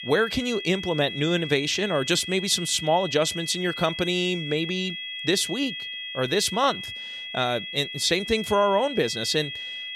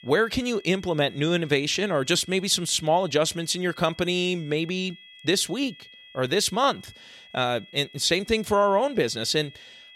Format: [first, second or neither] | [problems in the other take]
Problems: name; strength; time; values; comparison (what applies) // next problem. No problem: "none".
second | high-pitched whine; loud; throughout; 3.5 kHz, 8 dB below the speech; faint in the second